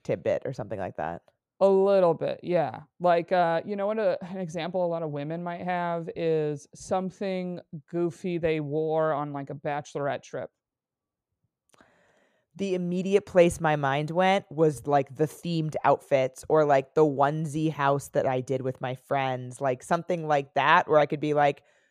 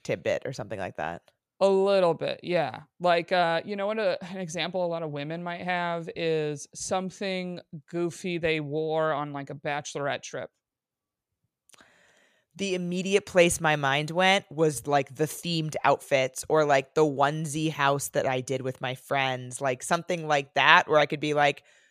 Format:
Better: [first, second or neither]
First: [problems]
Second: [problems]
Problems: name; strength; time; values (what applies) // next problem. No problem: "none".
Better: second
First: muffled; slightly; fading above 1.5 kHz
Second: none